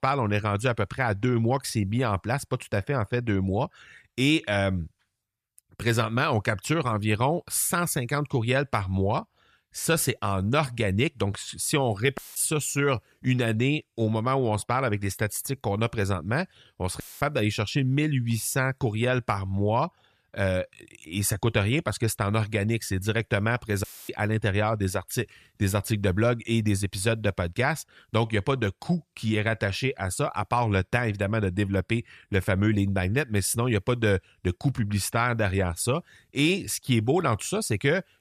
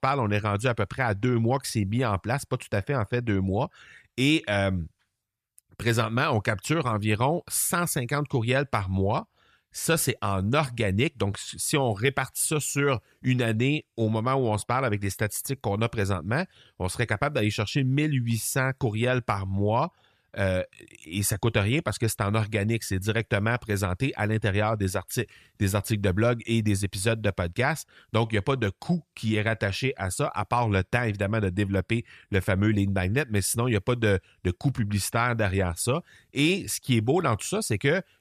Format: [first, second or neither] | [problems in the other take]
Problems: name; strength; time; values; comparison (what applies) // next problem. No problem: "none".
second | audio cutting out; filled with static; at 12 s, at 17 s and at 24 s